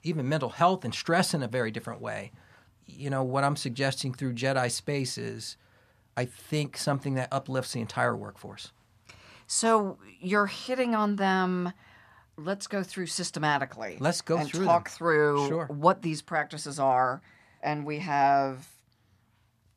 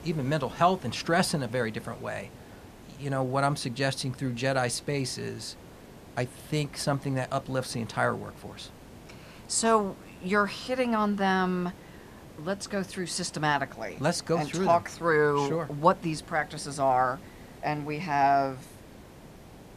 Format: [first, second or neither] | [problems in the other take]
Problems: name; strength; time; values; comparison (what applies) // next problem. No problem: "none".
first | hiss; faint; throughout; 20 dB below the speech